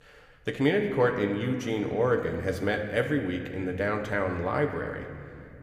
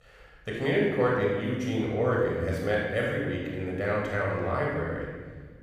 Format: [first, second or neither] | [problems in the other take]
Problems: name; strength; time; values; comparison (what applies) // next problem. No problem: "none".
first | room echo; strong; dies away in 1.4 s; slight in the first // off-mic speech; far